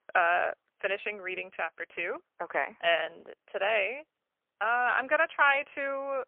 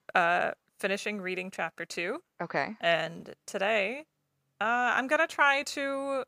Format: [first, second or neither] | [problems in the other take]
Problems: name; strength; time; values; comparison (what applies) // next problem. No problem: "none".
second | phone-call audio; poor line; nothing above 3 kHz